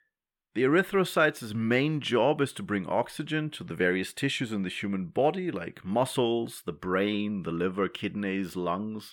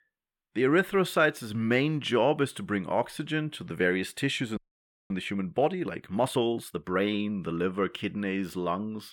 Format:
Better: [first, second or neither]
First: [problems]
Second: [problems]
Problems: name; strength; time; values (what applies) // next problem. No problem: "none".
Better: first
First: none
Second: audio freezing; at 4.5 s for 0.5 s